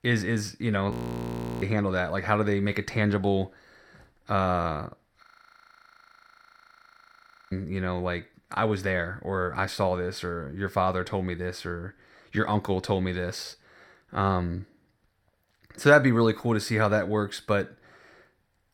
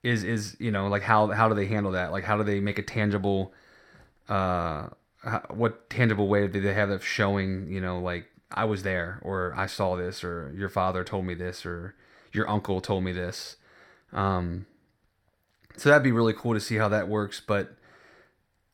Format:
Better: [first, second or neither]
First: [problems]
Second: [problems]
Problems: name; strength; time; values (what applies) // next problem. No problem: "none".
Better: second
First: audio freezing; at 1 s for 0.5 s and at 5 s for 2.5 s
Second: none